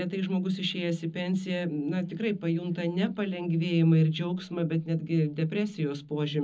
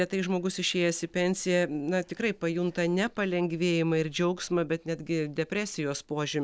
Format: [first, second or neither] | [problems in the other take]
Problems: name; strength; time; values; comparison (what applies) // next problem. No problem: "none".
second | room echo; dies away in 0.4 s